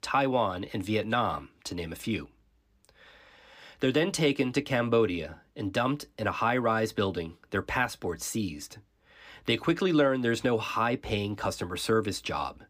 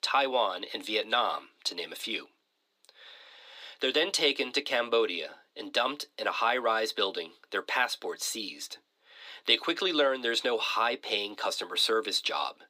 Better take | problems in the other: first | thin; somewhat; fading below 400 Hz

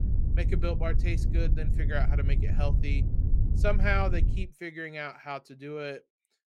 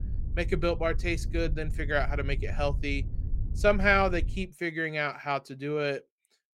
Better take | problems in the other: second | wind noise on the microphone; heavy; until 4.5 s; 10 dB below the speech; occasional gusts in the second

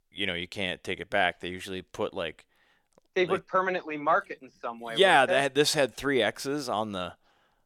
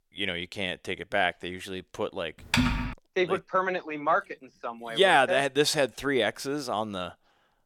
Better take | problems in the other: first | keyboard typing; loud; at 2.5 s; peak 2 dB above the speech

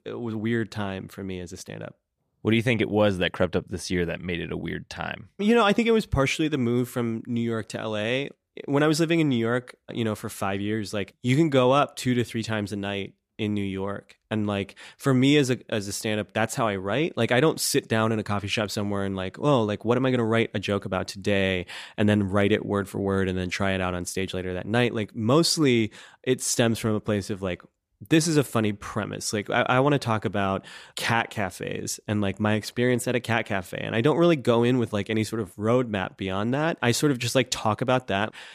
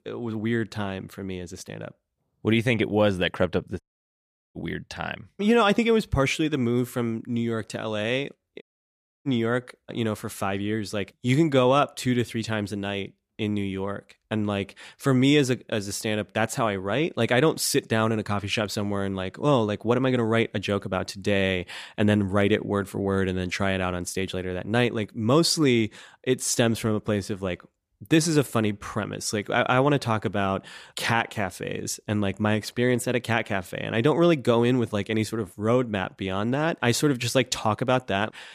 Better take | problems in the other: first | audio cutting out; at 4 s for 0.5 s and at 8.5 s for 0.5 s

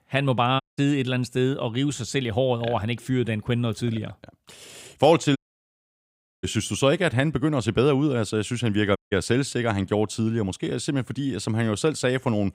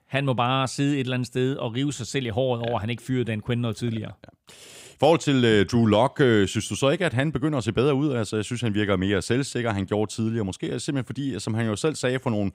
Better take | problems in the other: second | audio cutting out; at 0.5 s, at 5.5 s for 1 s and at 9 s

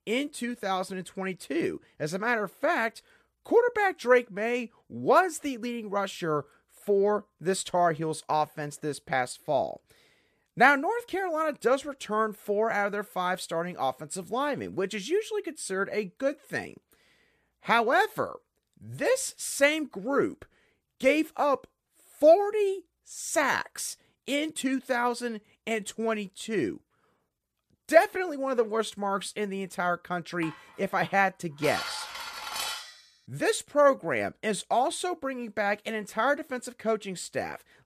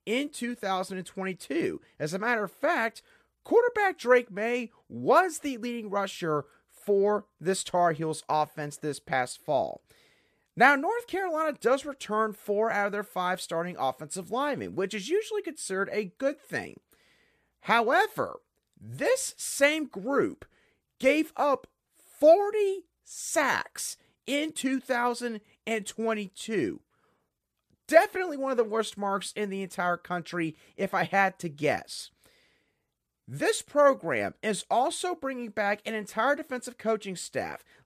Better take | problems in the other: second | clattering dishes; noticeable; from 30 to 33 s; peak 4 dB below the speech

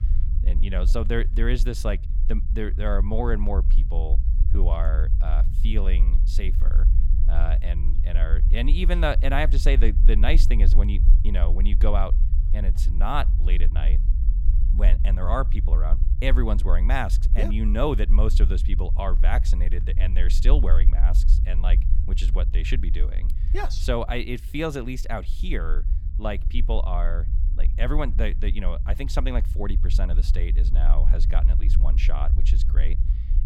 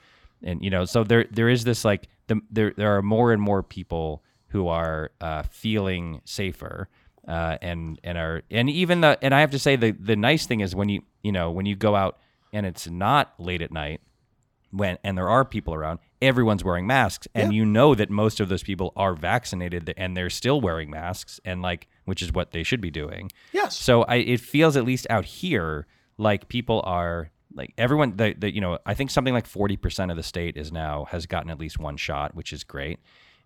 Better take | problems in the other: second | low rumble; noticeable; throughout; 15 dB below the speech

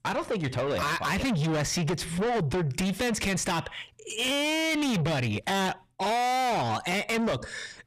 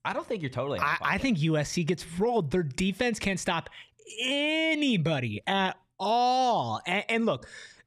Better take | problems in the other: second | distortion; heavy; 6 dB below the speech

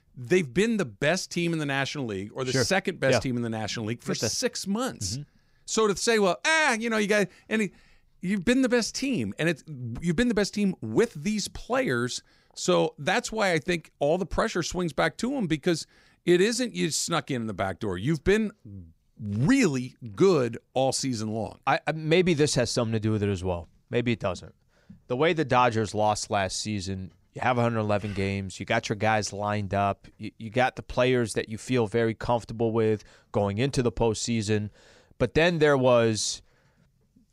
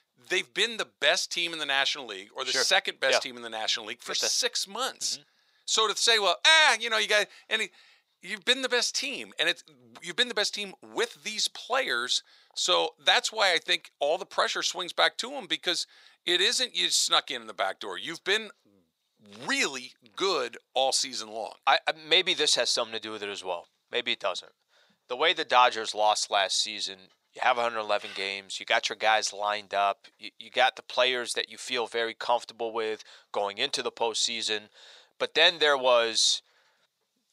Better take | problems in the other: first | thin; very; fading below 750 Hz

